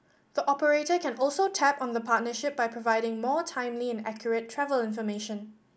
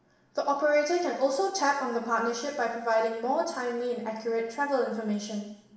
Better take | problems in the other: first | room echo; dies away in 0.9 s

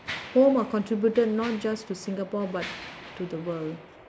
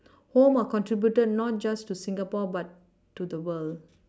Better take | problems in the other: second | background sound (Mechanisms); 15 dB below the speech

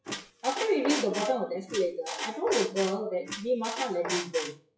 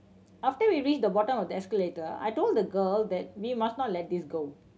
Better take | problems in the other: second | noise reduction (classical method WPE with log-MMSE)

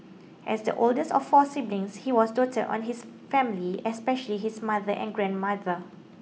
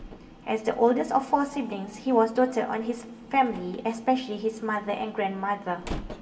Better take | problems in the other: first | background sound (Slam); 18 dB below the speech // room echo; dies away in 1.3 s

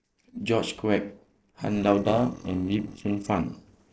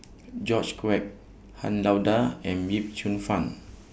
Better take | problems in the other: second | noise reduction (neural separator model SepFormer DNS4)

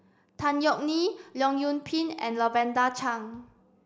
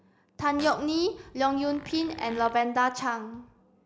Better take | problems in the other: first | background sound (Fart); 18 dB below the speech

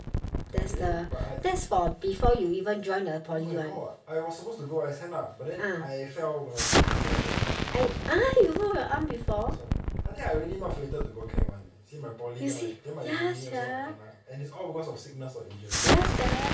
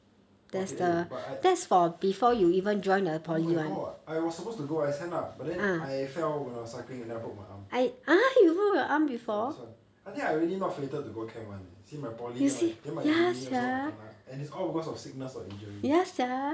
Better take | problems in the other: second | background sound (Explosion); as loud as the speech // room echo; dies away in 0.2 s

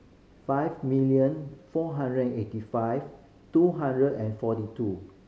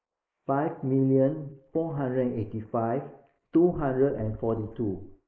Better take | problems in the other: first | noise reduction (neural mask model Resemble Enhance denoiser)

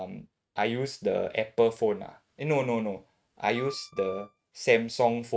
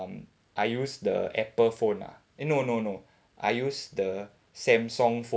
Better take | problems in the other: second | noise reduction (neural mask model RNNoise)

